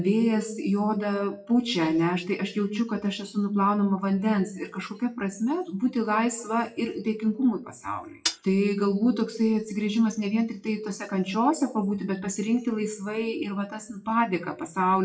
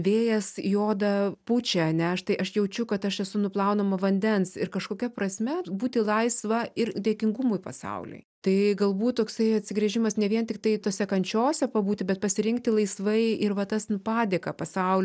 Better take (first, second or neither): second